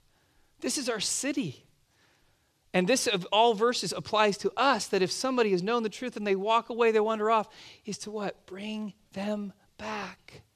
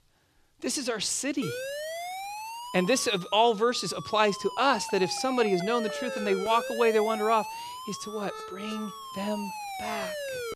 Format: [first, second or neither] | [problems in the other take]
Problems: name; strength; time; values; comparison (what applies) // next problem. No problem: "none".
first | siren; noticeable; from 1.5 s on; peak 6 dB below the speech